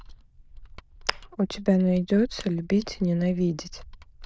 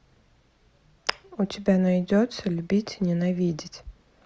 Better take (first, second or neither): second